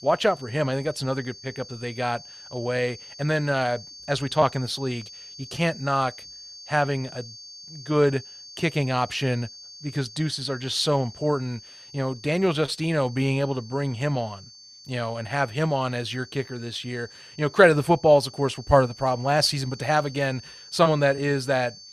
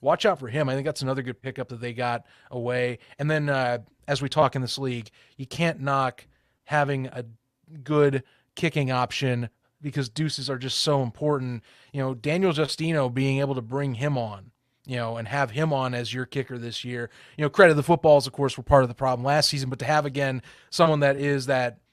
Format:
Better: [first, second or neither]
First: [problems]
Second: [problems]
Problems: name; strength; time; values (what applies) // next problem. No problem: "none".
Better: second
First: high-pitched whine; noticeable; throughout; 4.5 kHz, 15 dB below the speech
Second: none